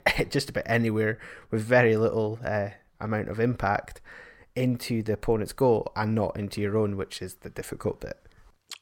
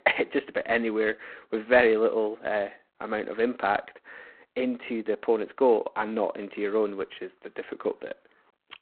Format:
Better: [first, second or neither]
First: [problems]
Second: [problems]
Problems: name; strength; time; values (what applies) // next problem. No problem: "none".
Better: first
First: none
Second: phone-call audio; poor line; nothing above 4 kHz